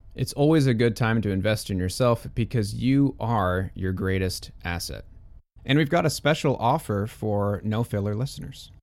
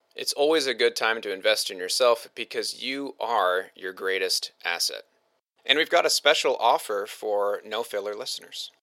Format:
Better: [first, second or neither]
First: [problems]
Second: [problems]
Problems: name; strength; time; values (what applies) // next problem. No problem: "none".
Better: first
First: none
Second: thin; very; fading below 450 Hz